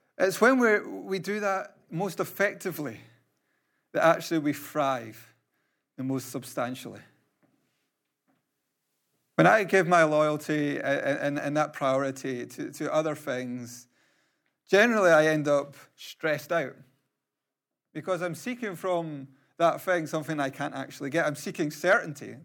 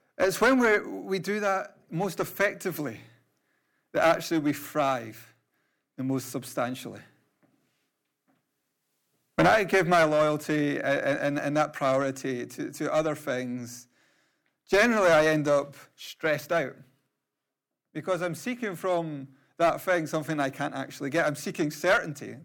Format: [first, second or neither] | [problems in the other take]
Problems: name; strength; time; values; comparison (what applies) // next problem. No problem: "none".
first | distortion; slight; 3% of the sound clipped